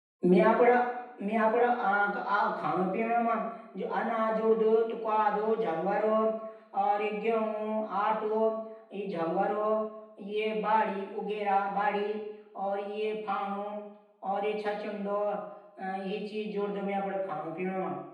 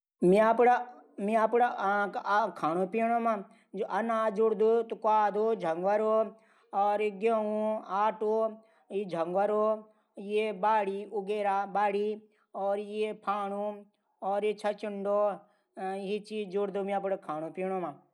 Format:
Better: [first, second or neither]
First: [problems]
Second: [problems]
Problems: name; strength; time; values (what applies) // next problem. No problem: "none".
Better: second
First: room echo; dies away in 0.9 s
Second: none